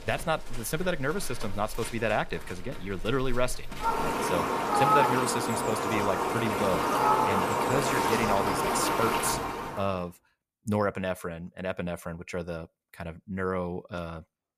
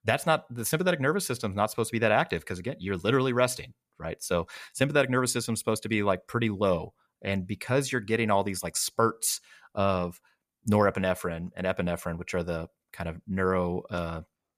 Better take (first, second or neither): second